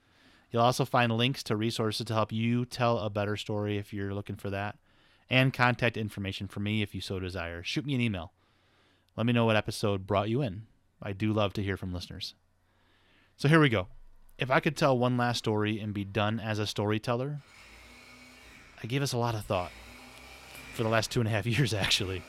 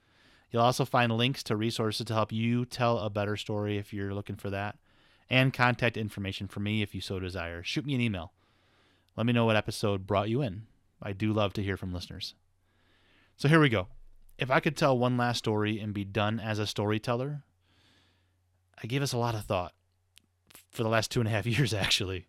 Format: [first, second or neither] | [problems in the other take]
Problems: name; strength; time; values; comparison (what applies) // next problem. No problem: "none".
second | household noises; faint; throughout; 20 dB below the speech